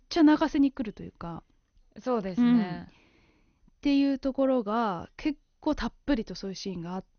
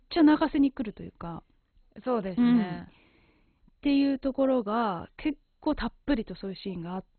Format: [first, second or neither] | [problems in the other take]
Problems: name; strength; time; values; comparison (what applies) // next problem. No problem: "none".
first | garbled, watery; badly; nothing above 4 kHz; slightly in the first